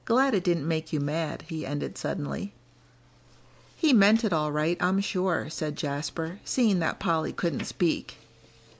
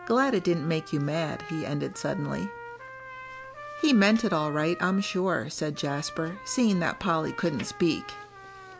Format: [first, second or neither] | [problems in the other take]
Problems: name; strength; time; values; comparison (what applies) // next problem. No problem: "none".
first | background sound (Trumpet); 15 dB below the speech